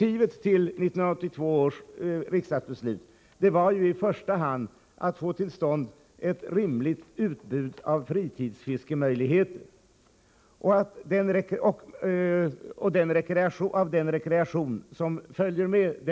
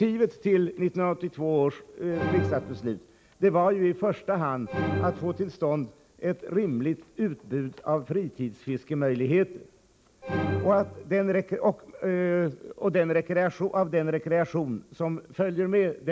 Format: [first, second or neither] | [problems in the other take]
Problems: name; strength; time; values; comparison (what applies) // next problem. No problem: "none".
first | background sound (Musical instrument); 7 dB below the speech